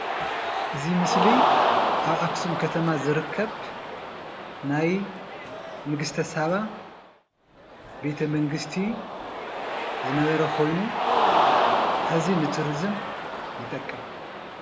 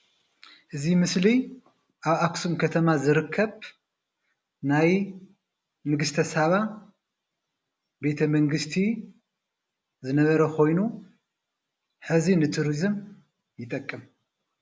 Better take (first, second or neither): second